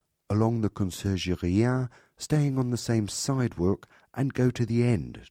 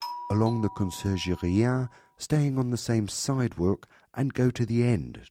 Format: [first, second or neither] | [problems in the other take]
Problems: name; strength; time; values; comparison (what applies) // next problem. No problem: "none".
first | doorbell; noticeable; until 1.5 s; peak 8 dB below the speech